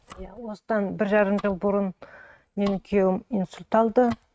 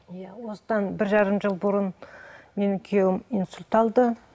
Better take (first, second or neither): second